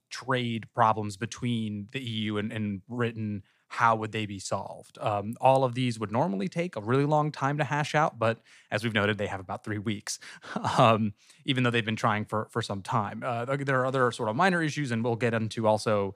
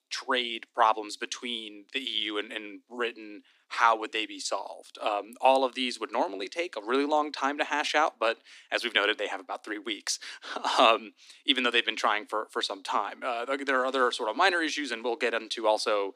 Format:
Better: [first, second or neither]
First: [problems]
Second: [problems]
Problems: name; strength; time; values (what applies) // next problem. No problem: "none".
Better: first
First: none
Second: thin; somewhat; fading below 250 Hz